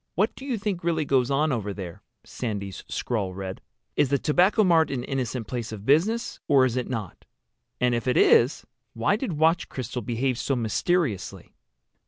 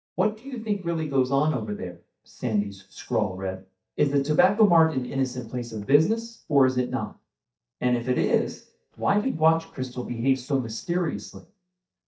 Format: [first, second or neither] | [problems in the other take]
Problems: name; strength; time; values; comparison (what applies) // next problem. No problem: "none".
first | noise reduction (neural mask model DeepFilterNet 3)